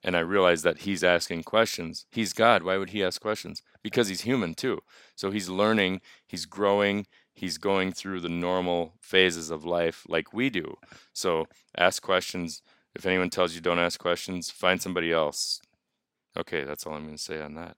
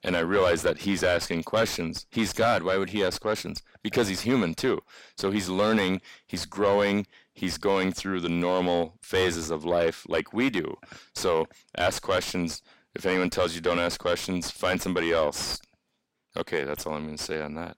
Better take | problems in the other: first | distortion; heavy; 6 dB below the speech

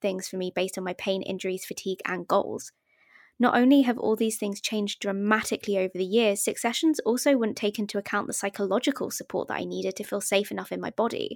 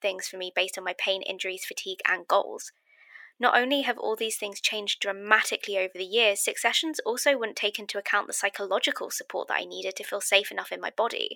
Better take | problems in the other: first | thin; very; fading below 650 Hz

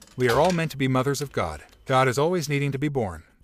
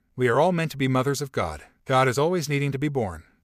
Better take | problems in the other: second | household noises; noticeable; throughout; 15 dB below the speech

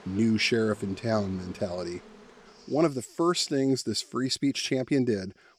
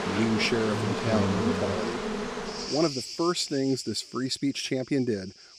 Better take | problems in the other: first | animal sounds; loud; throughout; 2 dB below the speech; faint in the first

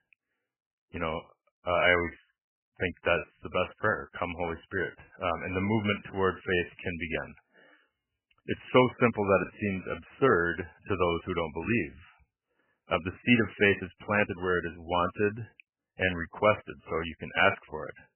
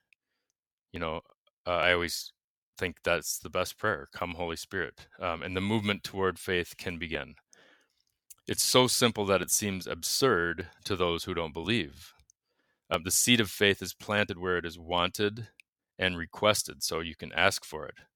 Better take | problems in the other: second | garbled, watery; badly; nothing above 3 kHz

